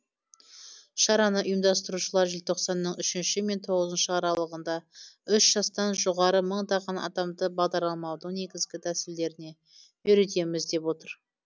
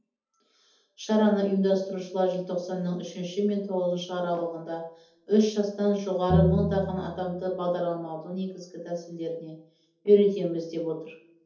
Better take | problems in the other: first | background sound (Piano); 1 dB below the speech // room echo; dies away in 0.6 s

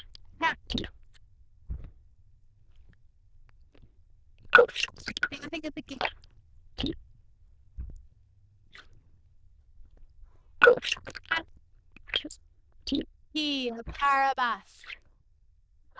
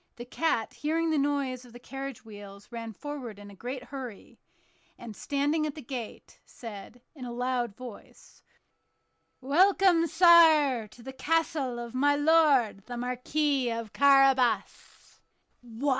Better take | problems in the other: second | noise reduction (neural diffusion model UNIVERSE++)

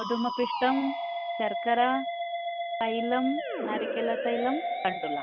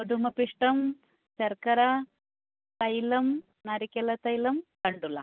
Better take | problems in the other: second | background sound (Musical instrument); 2 dB below the speech

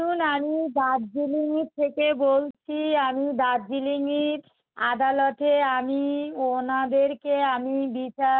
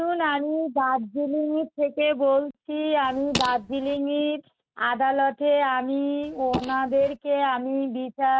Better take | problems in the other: first | noise reduction (neural mask model RNNoise)

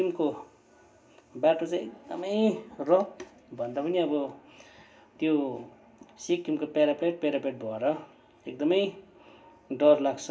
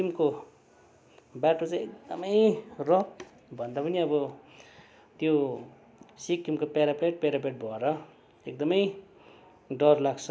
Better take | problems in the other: second | room echo; dies away in 0.2 s

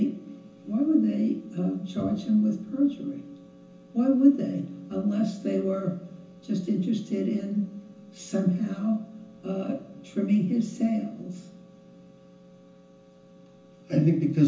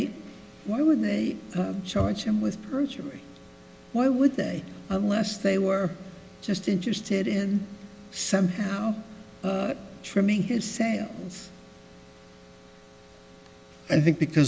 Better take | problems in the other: second | room echo; dies away in 0.9 s

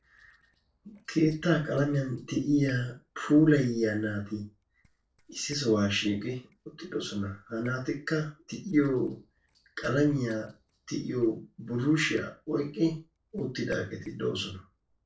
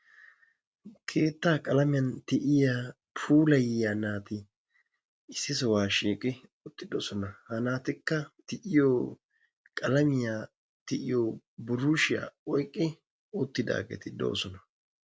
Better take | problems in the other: second | noise reduction (neural separator model SepFormer DNS4)

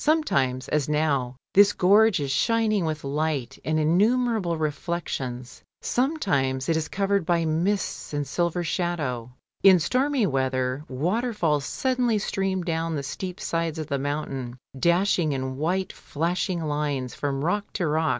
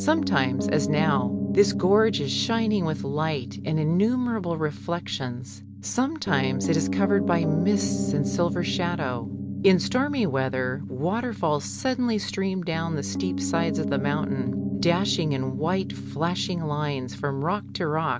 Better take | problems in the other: first | background sound (Piano); 4 dB below the speech

